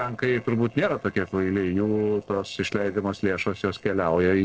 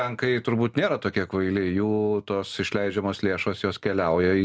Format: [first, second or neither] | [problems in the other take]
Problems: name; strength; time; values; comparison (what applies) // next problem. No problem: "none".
second | noise reduction (neural separator model SepFormer DNS4)